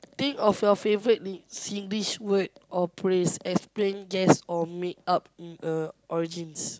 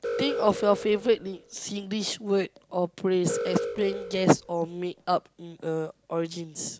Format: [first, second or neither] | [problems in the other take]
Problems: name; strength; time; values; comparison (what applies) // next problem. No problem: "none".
first | background sound (Alarm); 8 dB below the speech